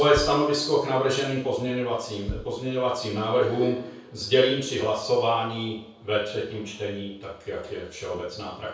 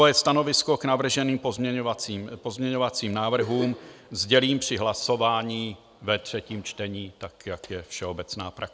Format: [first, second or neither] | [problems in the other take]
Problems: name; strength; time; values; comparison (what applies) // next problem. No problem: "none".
second | background sound (Bass drum); 15 dB below the speech // room echo; dies away in 0.6 s